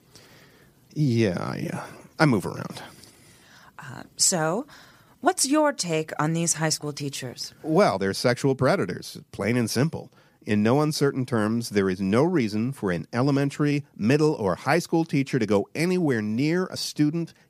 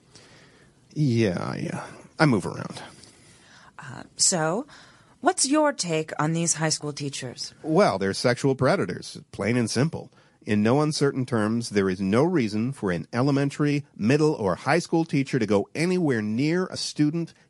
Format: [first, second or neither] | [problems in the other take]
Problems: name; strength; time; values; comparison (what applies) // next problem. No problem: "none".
first | garbled, watery; slightly; nothing above 11 kHz